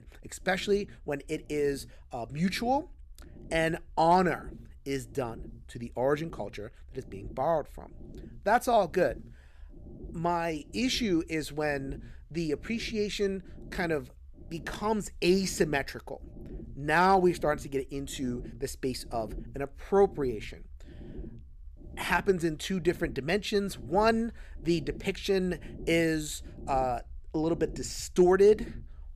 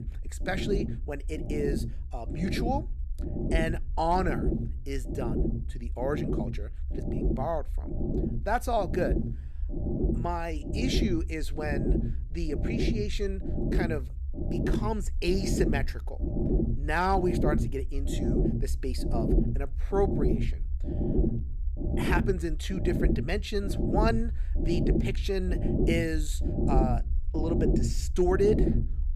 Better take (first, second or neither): first